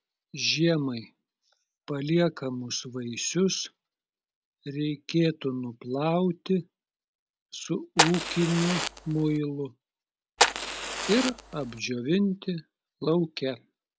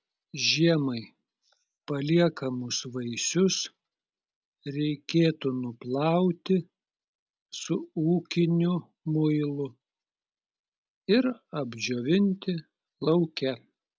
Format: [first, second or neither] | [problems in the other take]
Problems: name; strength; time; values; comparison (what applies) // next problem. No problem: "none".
second | background sound (Fire); 1 dB above the speech